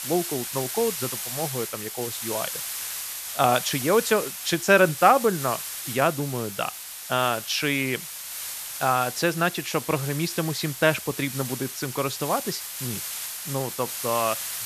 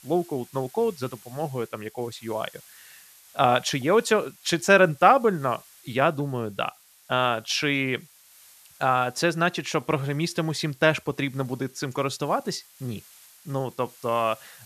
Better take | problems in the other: second | hiss; loud; throughout; 6 dB below the speech; faint in the second

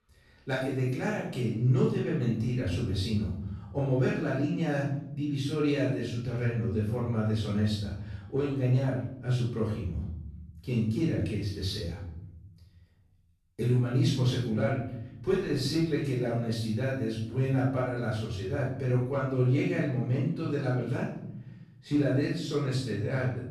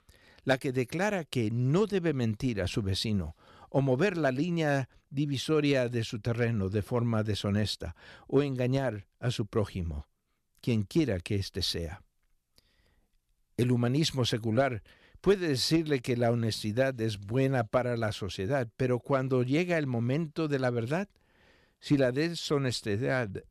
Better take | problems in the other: second | off-mic speech; far // room echo; noticeable; dies away in 1.2 s

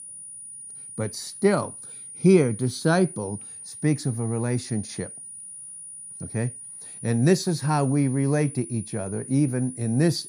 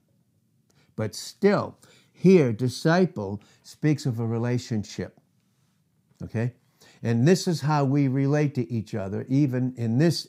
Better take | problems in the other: second | high-pitched whine; noticeable; throughout; 9.5 kHz, 15 dB below the speech

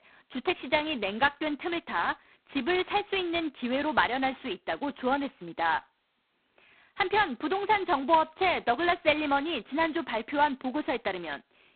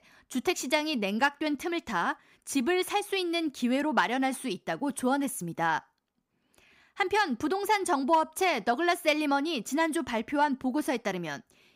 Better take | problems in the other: second | phone-call audio; poor line; nothing above 4 kHz

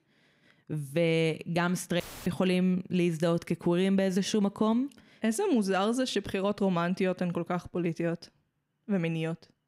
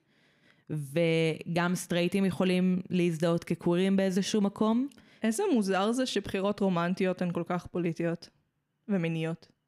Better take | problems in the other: second | audio cutting out; filled with static; at 2 s

